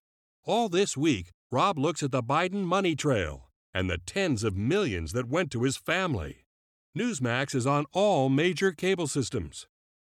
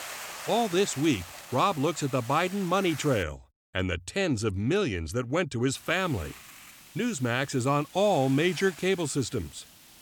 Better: first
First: none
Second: hiss; noticeable; until 3 s and from 5.5 s on; 15 dB below the speech

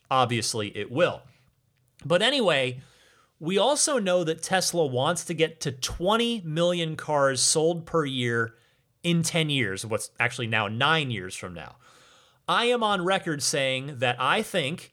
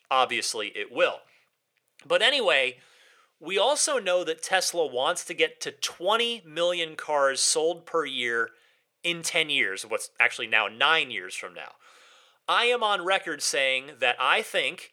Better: first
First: none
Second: thin; very; fading below 500 Hz

